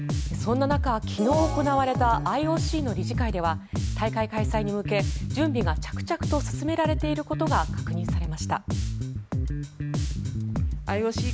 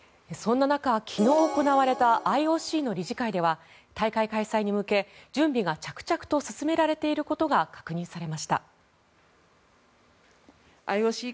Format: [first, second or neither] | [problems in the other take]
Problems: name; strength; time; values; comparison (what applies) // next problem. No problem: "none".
second | background sound (Bass guitar); as loud as the speech